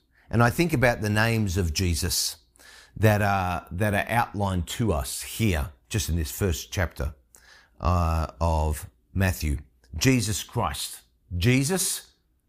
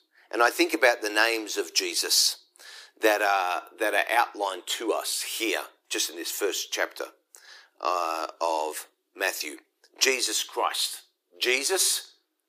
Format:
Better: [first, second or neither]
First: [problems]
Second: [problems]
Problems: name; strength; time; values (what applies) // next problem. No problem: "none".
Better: first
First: none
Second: thin; very; fading below 300 Hz